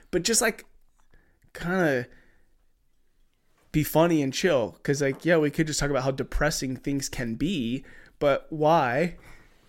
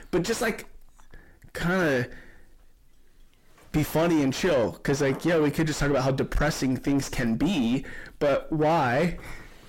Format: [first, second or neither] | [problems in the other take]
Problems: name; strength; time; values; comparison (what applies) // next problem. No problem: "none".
first | distortion; heavy; 5 dB below the speech